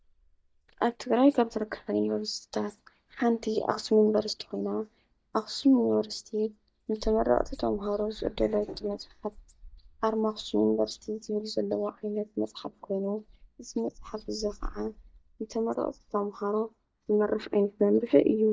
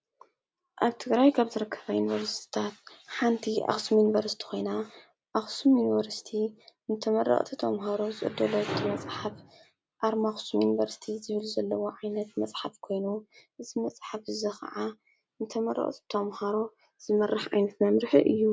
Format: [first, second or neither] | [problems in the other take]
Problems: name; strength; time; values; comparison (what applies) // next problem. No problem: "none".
second | noise reduction (neural mask model DeepFilterNet 3)